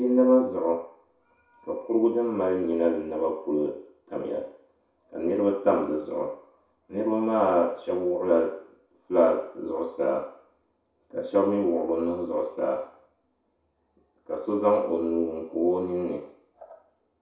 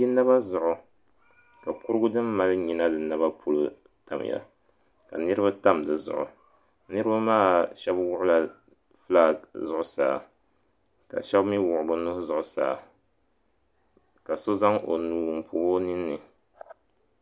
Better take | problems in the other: second | room echo; dies away in 0.6 s

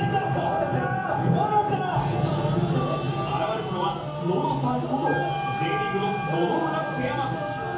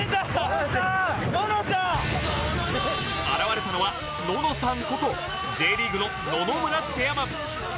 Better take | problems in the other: second | background sound (Wind instrument, woodwind instrument); 10 dB below the speech // room echo; dies away in 0.7 s

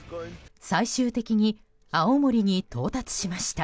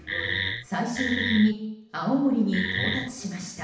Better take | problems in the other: first | background sound (Wood); 2 dB below the speech // room echo; dies away in 0.8 s

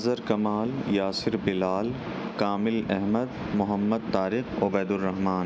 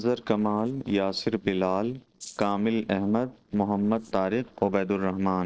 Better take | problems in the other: first | noise reduction (neural separator model SepFormer DNS4)

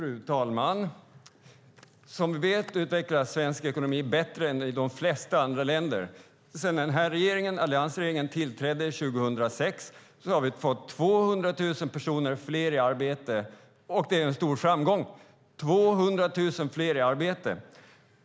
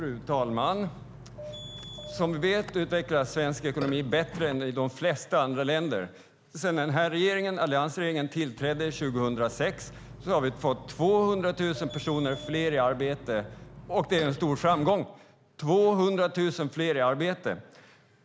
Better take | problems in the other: first | background sound (Burping, eructation); 17 dB below the speech

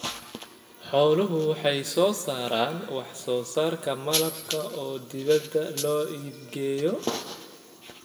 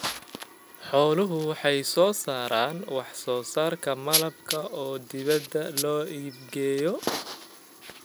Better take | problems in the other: second | room echo; dies away in 1.4 s

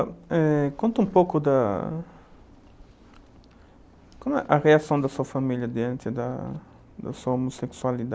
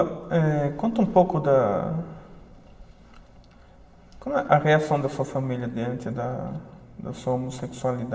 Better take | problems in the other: first | room echo; dies away in 1.9 s

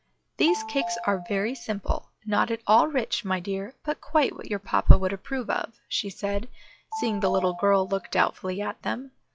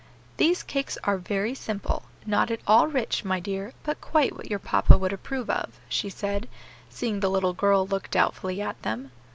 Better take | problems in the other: second | noise reduction (classical method log-MMSE)

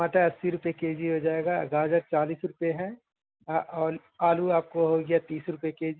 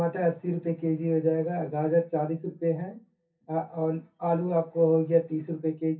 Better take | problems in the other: first | room echo; dies away in 0.3 s

